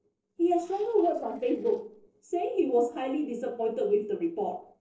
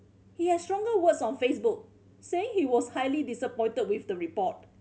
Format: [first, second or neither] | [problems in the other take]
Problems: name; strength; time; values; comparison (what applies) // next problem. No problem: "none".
second | noise reduction (neural separator model SepFormer DNS4)